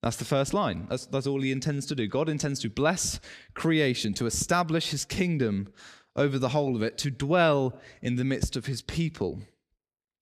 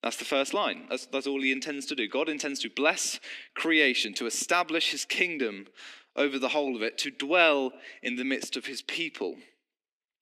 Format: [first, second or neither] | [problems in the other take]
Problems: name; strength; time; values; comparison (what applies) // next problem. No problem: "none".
first | thin; very slightly; fading below 250 Hz